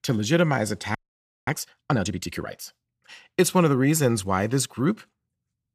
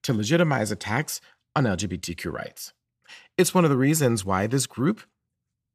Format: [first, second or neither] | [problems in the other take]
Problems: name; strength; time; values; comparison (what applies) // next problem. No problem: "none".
second | audio freezing; at 1 s for 0.5 s